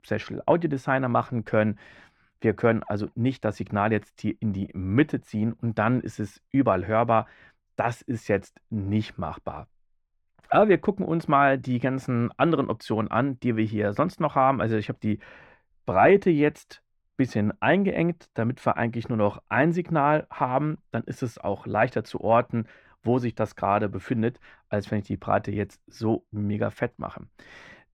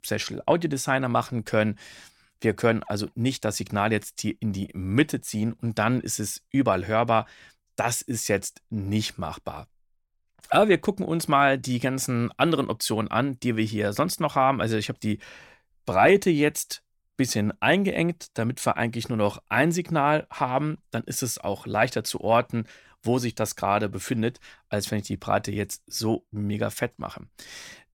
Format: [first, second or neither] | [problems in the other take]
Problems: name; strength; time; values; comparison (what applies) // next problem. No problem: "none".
second | muffled; very; fading above 4 kHz